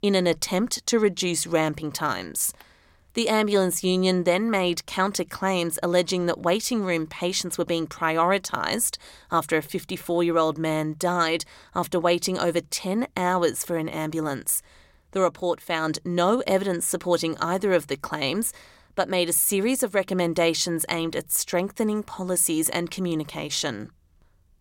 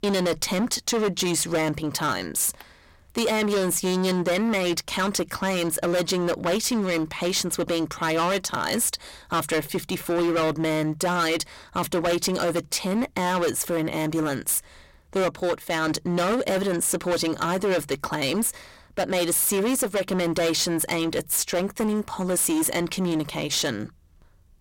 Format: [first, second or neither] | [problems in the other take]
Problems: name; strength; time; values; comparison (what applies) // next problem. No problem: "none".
first | distortion; heavy; 20% of the sound clipped